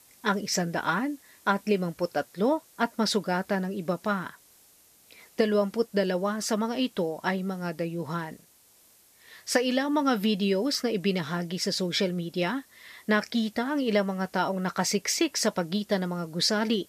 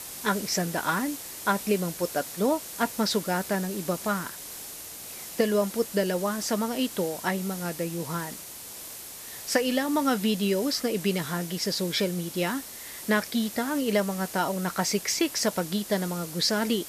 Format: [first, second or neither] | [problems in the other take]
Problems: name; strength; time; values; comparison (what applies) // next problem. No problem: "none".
first | hiss; loud; throughout; 10 dB below the speech; faint in the first